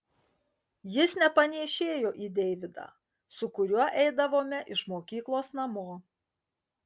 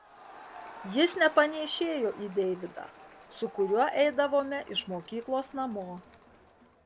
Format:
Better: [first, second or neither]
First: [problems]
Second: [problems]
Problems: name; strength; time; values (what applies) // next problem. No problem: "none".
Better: first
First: none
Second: background sound (Crowd); 19 dB below the speech